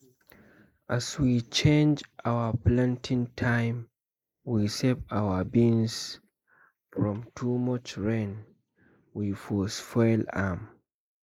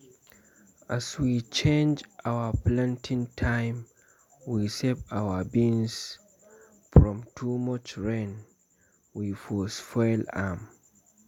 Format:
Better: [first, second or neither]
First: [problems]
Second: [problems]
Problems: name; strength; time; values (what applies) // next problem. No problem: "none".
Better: second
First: noise reduction (neural mask model Resemble Enhance denoiser)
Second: none